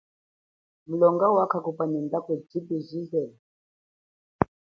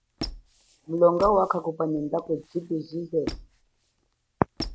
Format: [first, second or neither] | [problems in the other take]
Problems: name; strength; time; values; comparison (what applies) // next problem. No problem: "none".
first | background sound (Squeak); 13 dB below the speech